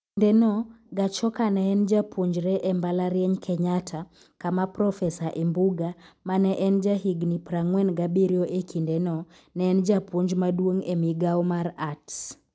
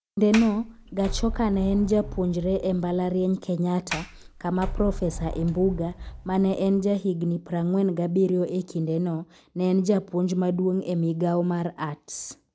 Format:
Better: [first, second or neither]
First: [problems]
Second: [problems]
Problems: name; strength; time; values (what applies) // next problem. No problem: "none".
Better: first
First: none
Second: background sound (Sliding door); 10 dB below the speech